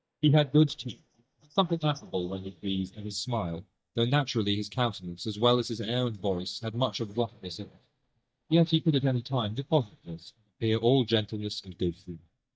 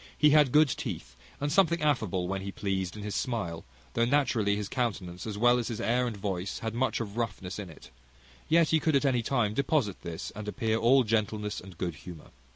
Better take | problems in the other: second | noise reduction (neural mask model DeepFilterNet 3)

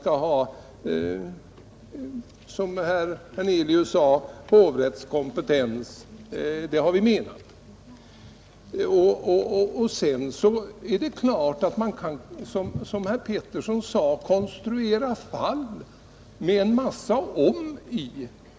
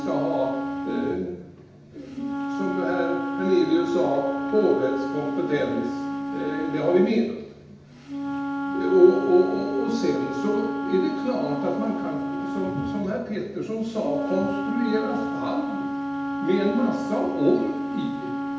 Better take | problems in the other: first | background sound (Wind instrument, woodwind instrument); 4 dB below the speech // room echo; dies away in 0.9 s

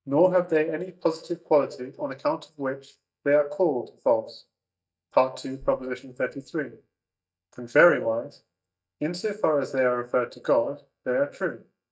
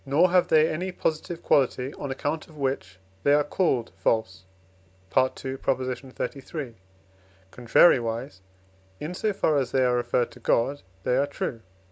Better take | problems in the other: second | noise reduction (neural mask model DeepFilterNet 3)

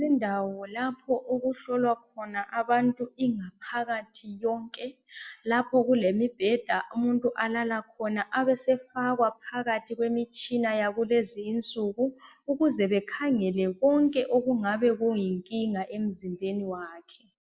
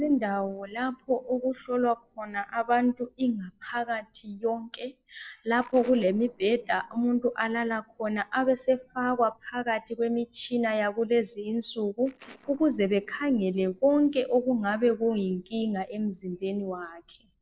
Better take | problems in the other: first | noise reduction (neural separator model SepFormer DNS4)

